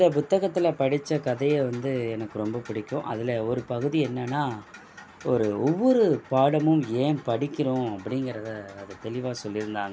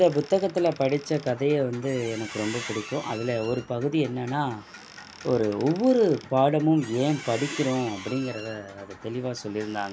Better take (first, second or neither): first